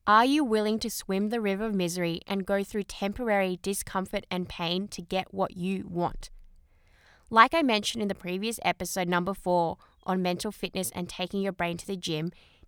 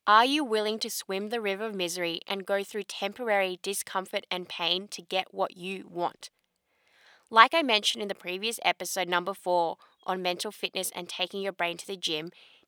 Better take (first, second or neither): first